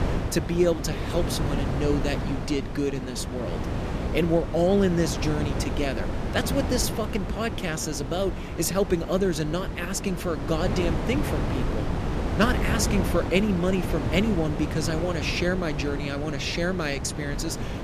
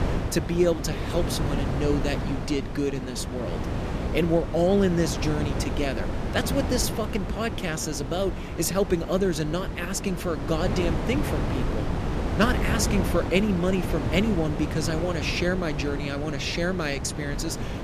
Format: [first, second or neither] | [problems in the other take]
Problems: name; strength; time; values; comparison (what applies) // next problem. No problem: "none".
neither | wind noise on the microphone; heavy; 6 dB below the speech; the same in both